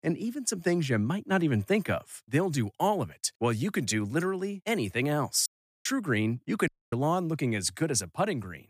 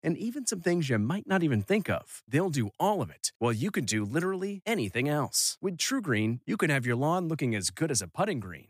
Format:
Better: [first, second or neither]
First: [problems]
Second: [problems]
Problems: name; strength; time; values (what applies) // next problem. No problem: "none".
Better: second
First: audio cutting out; at 5.5 s and at 6.5 s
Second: none